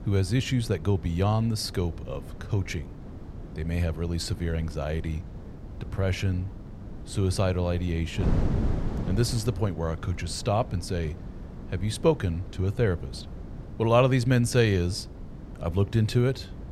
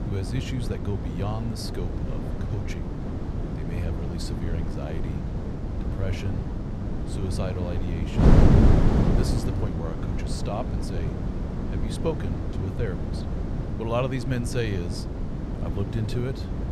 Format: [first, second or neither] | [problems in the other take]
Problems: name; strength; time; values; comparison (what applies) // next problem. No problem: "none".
first | wind noise on the microphone; heavy; 1 dB above the speech; occasional gusts in the first